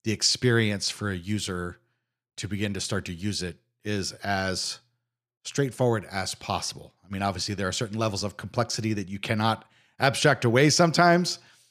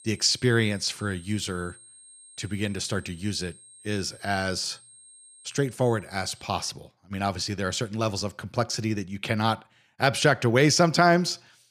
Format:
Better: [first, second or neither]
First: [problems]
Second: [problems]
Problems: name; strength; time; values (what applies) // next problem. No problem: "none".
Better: first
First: none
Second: high-pitched whine; faint; until 6.5 s; 8.5 kHz, 25 dB below the speech